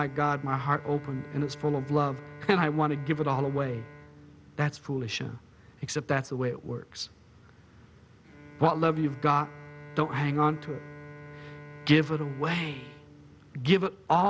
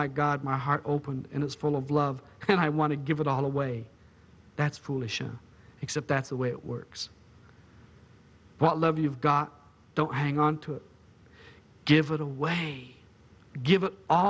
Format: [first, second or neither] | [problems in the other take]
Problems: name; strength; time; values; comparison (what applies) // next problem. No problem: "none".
second | background sound (Bowed string instrument); 18 dB below the speech